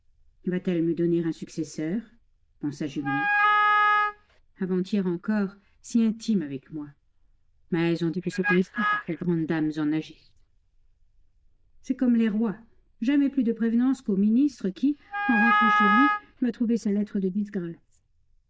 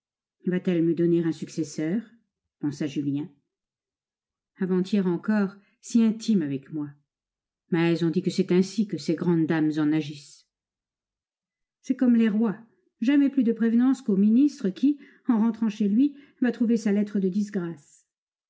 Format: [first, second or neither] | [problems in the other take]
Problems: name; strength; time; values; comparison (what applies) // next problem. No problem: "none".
second | noise reduction (neural diffusion model UNIVERSE++)